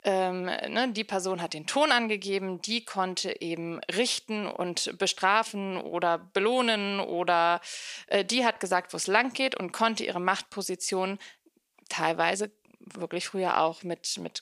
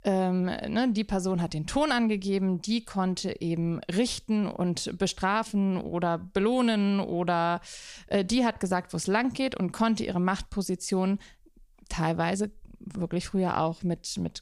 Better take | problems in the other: second | thin; somewhat; fading below 400 Hz

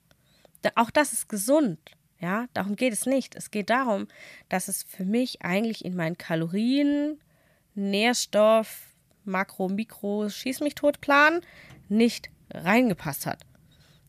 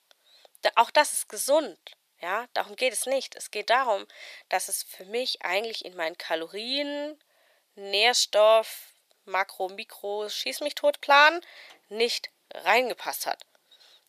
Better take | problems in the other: first | thin; very; fading below 400 Hz

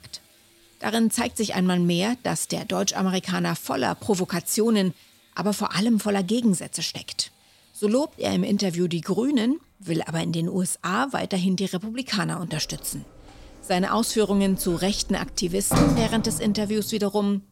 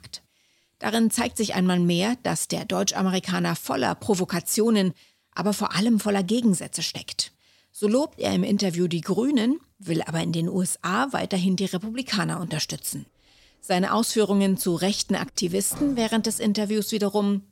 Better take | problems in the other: second | household noises; loud; throughout; 5 dB below the speech; faint in the second

